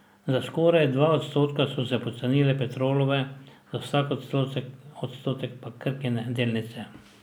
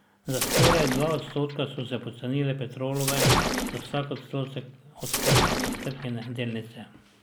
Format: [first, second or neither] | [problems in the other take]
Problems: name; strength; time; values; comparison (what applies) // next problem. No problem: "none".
first | background sound (Splash, splatter); 3 dB above the speech